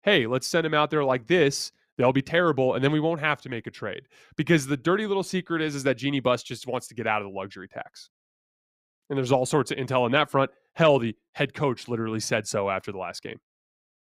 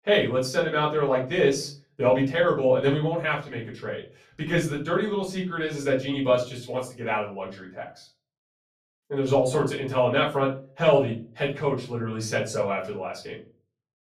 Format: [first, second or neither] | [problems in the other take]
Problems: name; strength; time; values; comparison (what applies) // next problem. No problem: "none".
first | off-mic speech; far // room echo; slight; dies away in 0.3 s